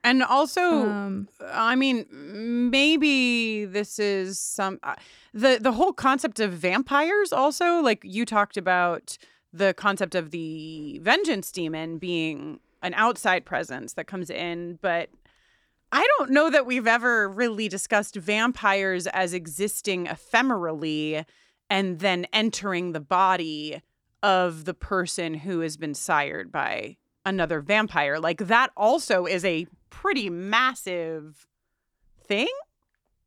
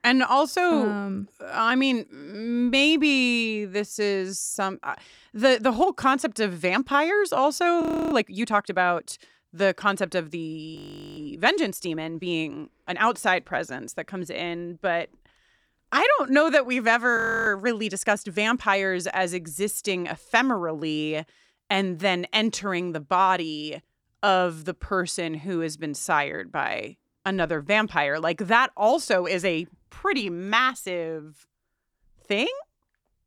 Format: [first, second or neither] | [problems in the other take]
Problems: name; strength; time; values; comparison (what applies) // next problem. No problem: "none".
first | audio freezing; at 8 s, at 11 s and at 17 s